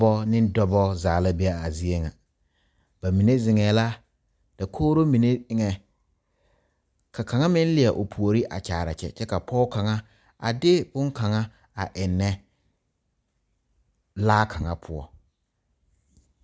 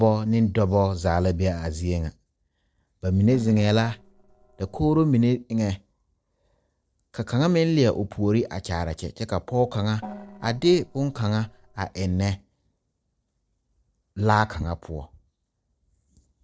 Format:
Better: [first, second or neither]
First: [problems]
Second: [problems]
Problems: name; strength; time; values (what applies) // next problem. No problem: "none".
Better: first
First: none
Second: noise reduction (neural separator model SepFormer DNS4)